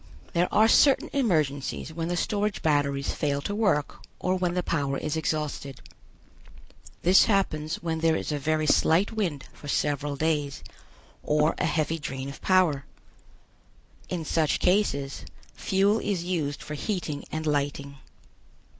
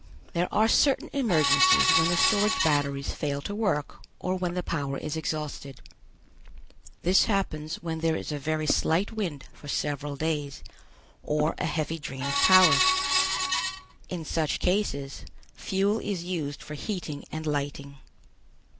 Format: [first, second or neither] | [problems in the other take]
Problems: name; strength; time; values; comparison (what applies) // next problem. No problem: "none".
first | background sound (Screech); 3 dB above the speech